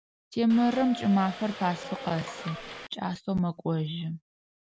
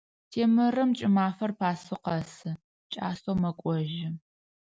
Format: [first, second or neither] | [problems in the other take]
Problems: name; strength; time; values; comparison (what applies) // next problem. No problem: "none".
second | background sound (Subway, metro, underground / Doorbell); 11 dB below the speech